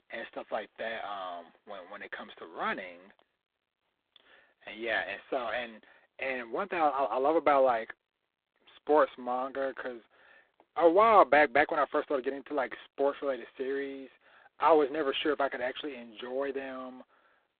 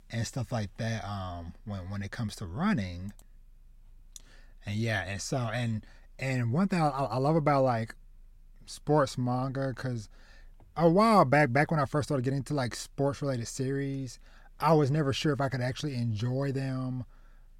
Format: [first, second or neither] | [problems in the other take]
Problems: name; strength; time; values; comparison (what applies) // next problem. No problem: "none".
second | phone-call audio; poor line; nothing above 3.5 kHz